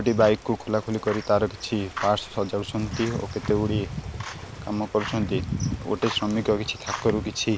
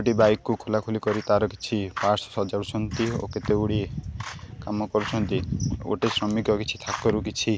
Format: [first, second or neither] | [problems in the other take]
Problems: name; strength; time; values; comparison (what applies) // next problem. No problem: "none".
second | background sound (Ocean); 19 dB below the speech